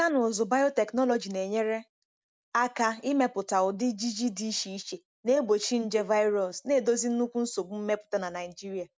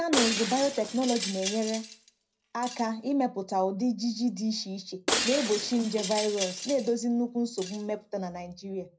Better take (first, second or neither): first